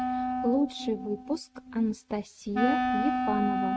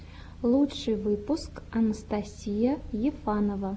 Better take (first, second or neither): second